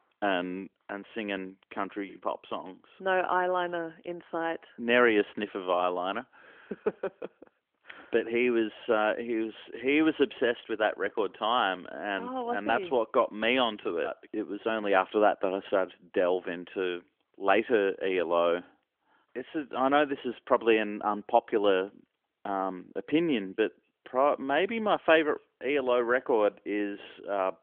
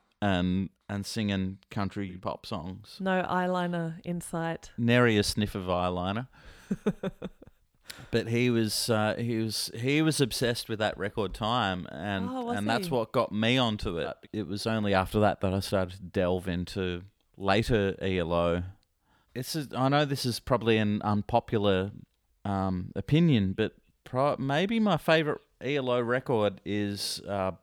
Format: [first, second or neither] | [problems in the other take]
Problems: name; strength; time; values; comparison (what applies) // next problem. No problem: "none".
second | phone-call audio; nothing above 3.5 kHz